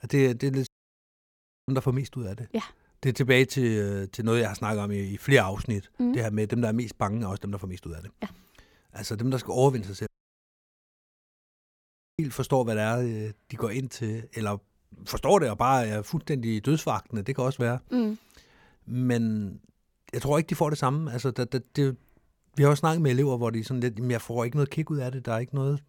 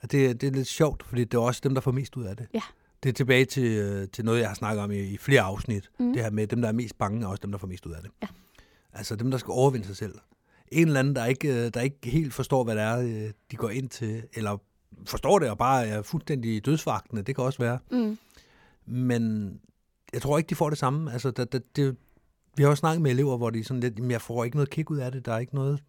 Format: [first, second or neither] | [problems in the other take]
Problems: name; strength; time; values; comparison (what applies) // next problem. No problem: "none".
second | audio cutting out; at 0.5 s for 1 s and at 10 s for 2 s